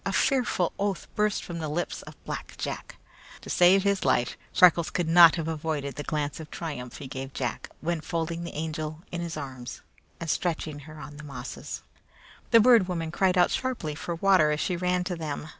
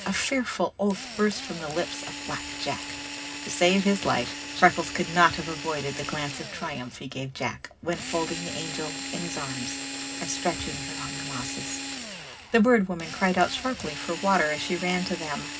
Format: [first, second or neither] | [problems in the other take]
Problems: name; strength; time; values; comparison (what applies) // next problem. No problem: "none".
first | background sound (Drill); 8 dB below the speech // room echo; dies away in 0.4 s